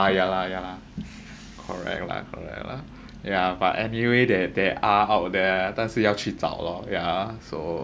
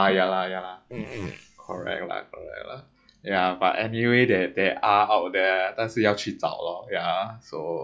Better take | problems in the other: first | noise reduction (classical method log-MMSE)

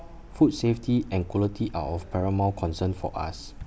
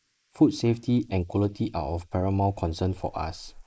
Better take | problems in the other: first | noise reduction (neural mask model Resemble Enhance denoiser)

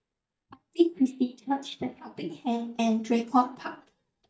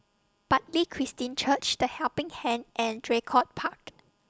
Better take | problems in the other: second | noise reduction (neural mask model DeepFilterNet 3)

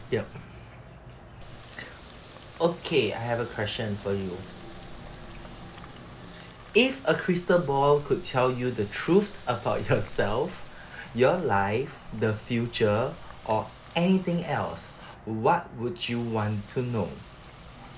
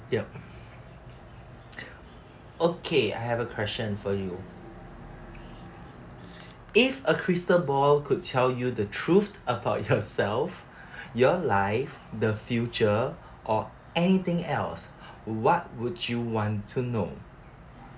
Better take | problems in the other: second | background sound (Water tap, faucet); 17 dB below the speech

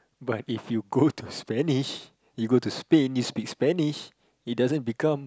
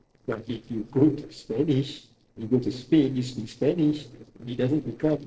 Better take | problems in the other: first | noise reduction (neural separator model SepFormer DNS4)

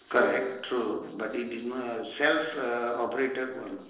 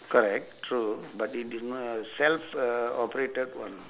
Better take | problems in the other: second | noise reduction (neural separator model SepFormer DNS4)

